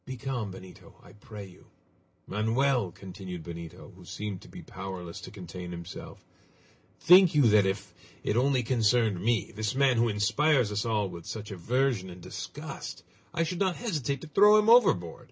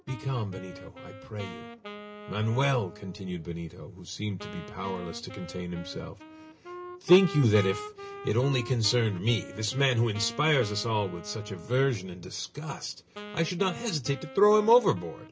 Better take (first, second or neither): first